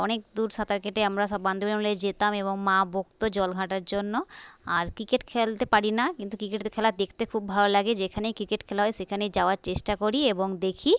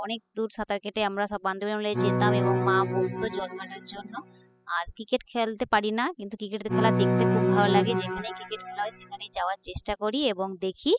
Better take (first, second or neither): first